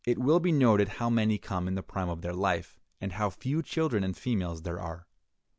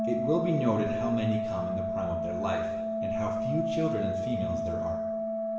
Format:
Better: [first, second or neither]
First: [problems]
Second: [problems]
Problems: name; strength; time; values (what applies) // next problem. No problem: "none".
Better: first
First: none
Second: background sound (Organ); 1 dB above the speech // room echo; dies away in 1 s